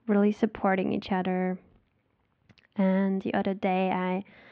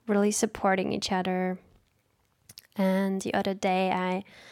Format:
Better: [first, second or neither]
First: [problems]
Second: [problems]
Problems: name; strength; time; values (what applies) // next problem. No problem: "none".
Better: second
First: muffled; very; fading above 3 kHz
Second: none